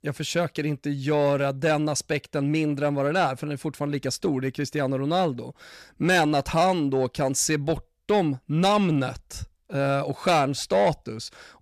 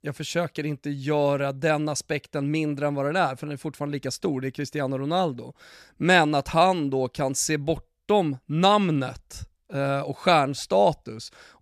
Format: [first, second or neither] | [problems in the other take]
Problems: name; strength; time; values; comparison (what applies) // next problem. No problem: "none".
second | distortion; slight; 10 dB below the speech